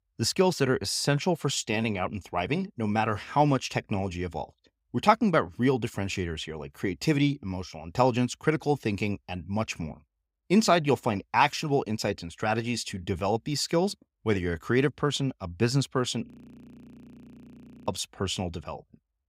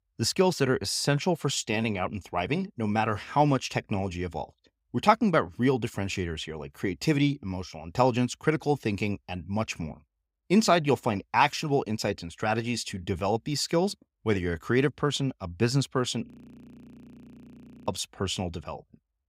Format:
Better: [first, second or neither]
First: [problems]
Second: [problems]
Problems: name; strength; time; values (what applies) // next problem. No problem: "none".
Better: neither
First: audio freezing; at 16 s for 1.5 s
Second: audio freezing; at 16 s for 1.5 s